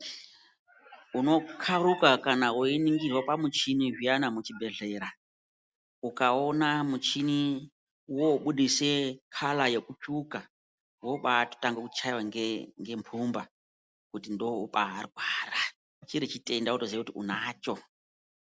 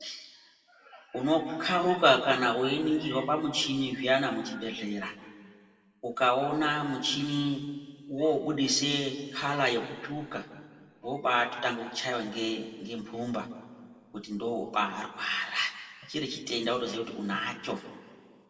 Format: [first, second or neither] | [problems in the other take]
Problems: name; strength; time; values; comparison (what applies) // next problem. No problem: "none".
first | room echo; dies away in 1.6 s